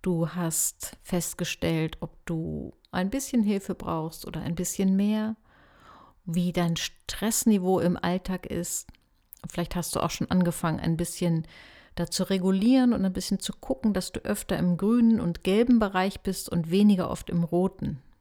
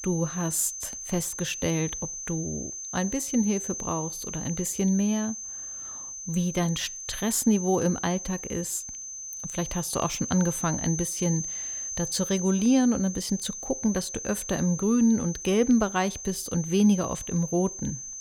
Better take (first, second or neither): first